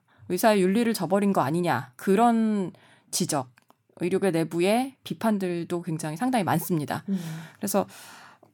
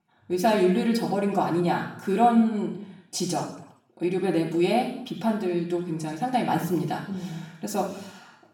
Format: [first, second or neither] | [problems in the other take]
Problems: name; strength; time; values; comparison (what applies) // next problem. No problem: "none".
first | room echo; noticeable; dies away in 0.7 s // off-mic speech; far